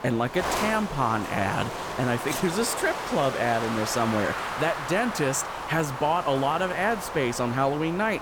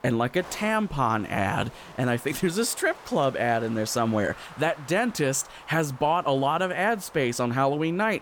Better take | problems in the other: second | wind noise on the microphone; heavy; 4 dB below the speech; occasional gusts in the second

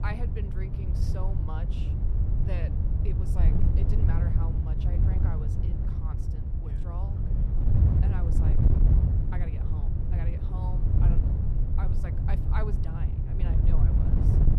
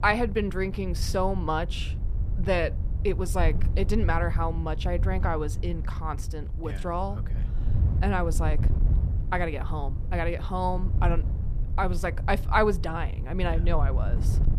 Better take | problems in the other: second | wind noise on the microphone; heavy; 3 dB above the speech; occasional gusts in the second

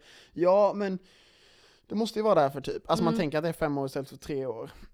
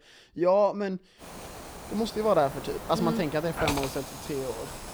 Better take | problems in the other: first | hiss; loud; from 1 s on; 9 dB below the speech

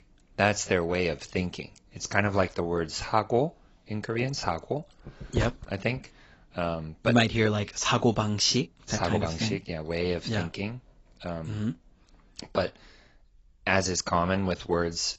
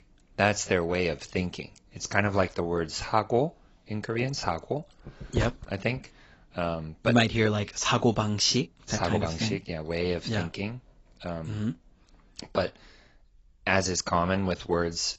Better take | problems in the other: neither | garbled, watery; badly; nothing above 7.5 kHz; the same in both

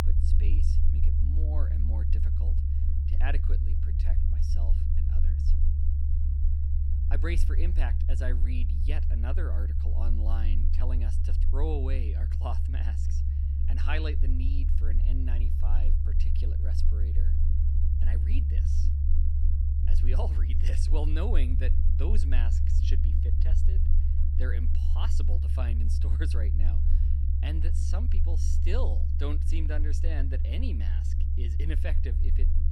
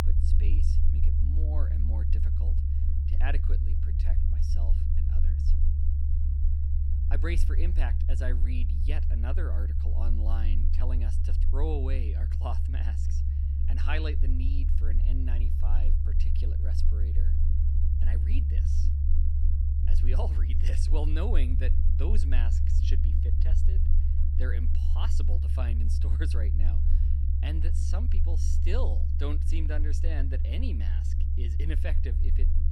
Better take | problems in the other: neither | low rumble; loud; throughout; 3 dB below the speech; the same in both

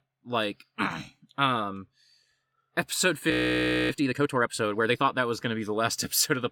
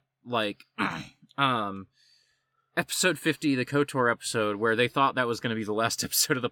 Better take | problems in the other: second | audio freezing; at 3.5 s for 0.5 s

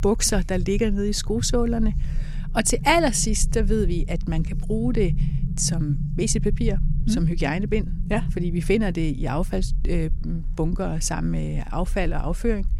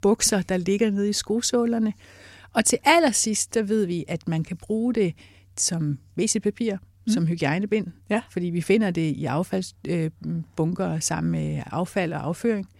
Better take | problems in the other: second | low rumble; noticeable; throughout; 15 dB below the speech

